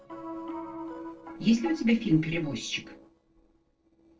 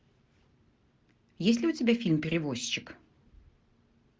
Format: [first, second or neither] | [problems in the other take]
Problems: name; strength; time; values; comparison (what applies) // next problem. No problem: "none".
second | noise reduction (neural separator model SepFormer DNS4)